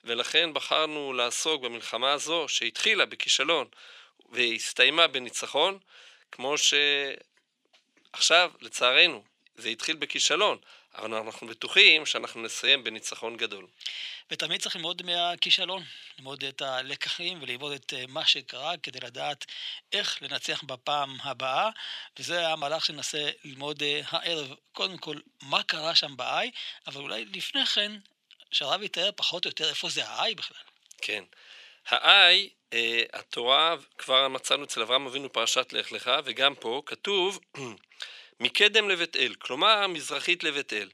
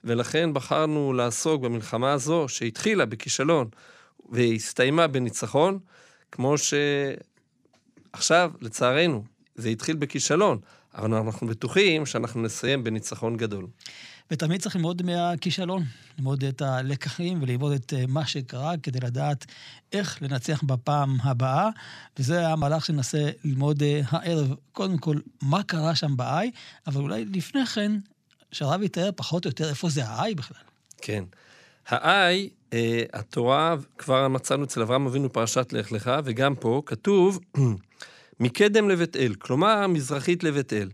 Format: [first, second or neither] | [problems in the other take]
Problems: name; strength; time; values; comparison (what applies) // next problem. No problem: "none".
second | thin; very; fading below 500 Hz